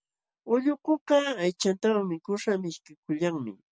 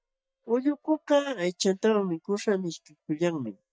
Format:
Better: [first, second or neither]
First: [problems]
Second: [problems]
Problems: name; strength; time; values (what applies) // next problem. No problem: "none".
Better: first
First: none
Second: noise reduction (neural mask model DeepFilterNet 3)